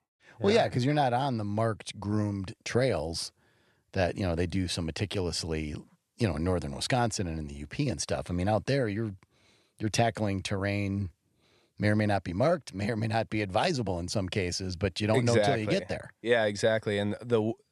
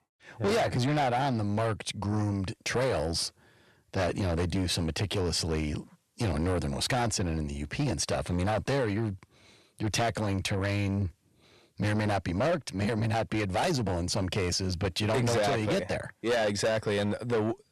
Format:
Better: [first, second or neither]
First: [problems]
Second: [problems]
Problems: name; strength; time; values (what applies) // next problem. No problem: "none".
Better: first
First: none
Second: distortion; heavy; 7 dB below the speech